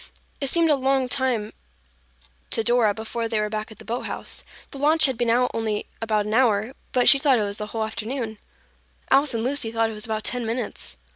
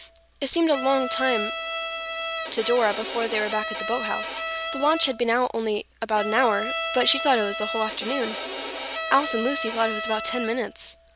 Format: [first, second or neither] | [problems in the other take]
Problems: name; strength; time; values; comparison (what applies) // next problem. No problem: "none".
first | background sound (Bowed string instrument); 6 dB below the speech